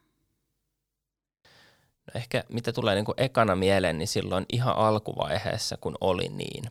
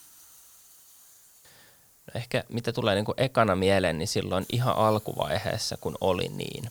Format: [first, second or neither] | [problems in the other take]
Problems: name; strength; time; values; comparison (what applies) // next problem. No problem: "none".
first | hiss; faint; throughout; 25 dB below the speech